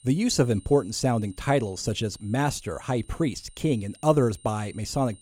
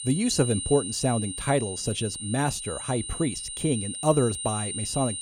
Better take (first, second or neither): first